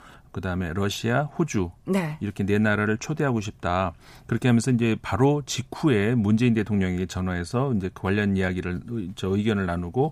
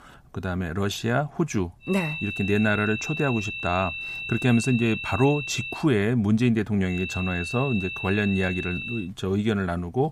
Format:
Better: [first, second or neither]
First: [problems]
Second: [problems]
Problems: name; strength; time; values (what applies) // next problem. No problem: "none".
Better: first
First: none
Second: high-pitched whine; loud; from 2 to 6 s and from 7 to 9 s; 2.5 kHz, 6 dB below the speech